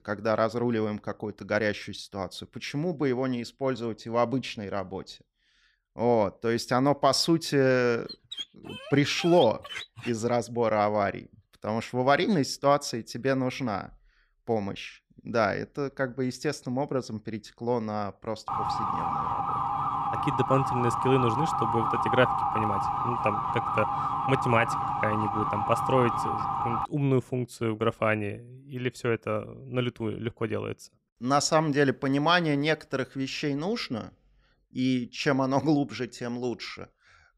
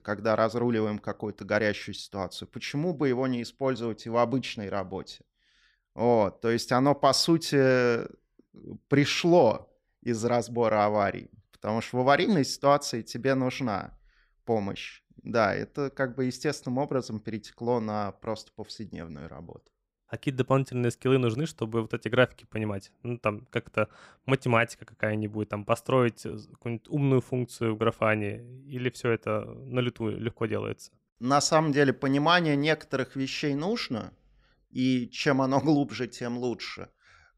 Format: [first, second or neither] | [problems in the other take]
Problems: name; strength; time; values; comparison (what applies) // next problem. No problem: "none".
second | dog barking; noticeable; from 8 to 10 s; peak 8 dB below the speech // siren; loud; from 18 to 27 s; peak 1 dB above the speech